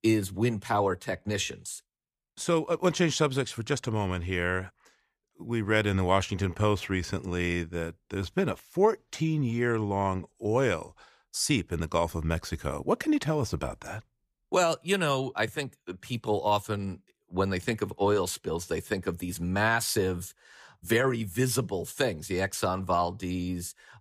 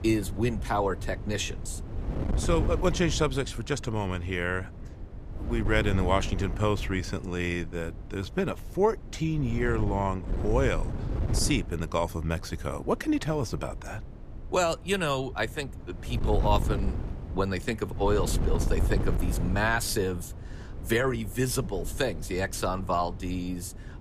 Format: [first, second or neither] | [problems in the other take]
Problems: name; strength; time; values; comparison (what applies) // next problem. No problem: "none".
first | wind noise on the microphone; occasional gusts; 15 dB below the speech